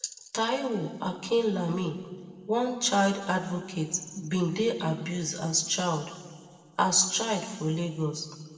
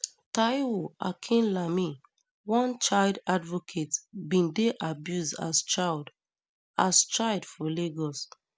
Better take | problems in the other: second | room echo; dies away in 1.6 s

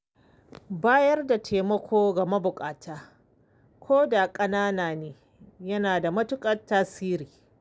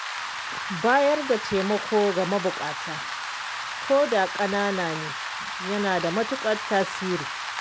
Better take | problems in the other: first | background sound (Rain); 6 dB below the speech

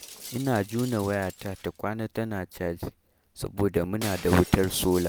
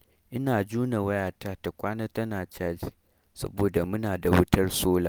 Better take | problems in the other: second | background sound (Shatter); 17 dB below the speech

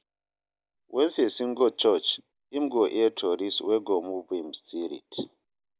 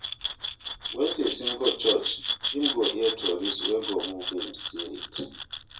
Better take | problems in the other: first | background sound (Glass); 2 dB below the speech // room echo; dies away in 0.3 s

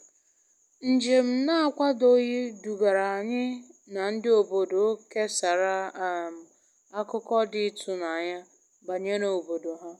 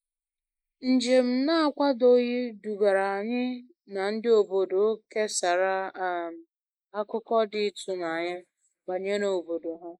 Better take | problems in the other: first | noise reduction (neural mask model Resemble Enhance denoiser)

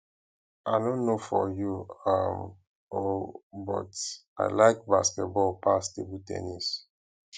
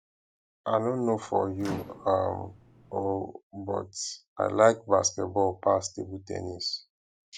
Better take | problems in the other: first | background sound (Microwave oven); 18 dB below the speech

